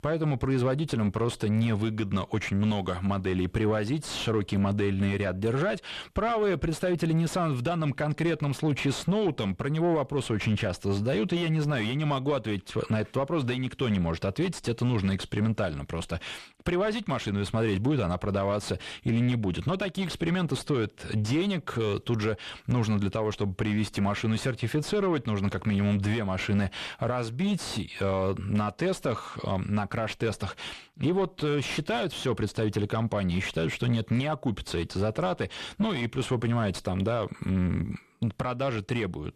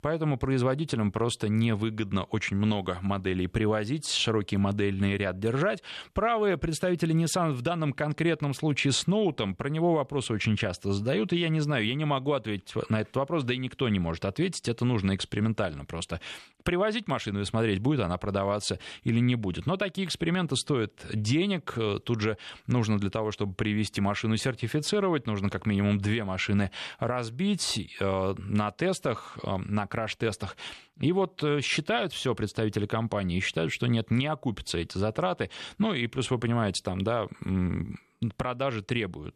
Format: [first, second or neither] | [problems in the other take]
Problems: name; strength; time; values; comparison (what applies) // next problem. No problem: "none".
second | distortion; slight; 10 dB below the speech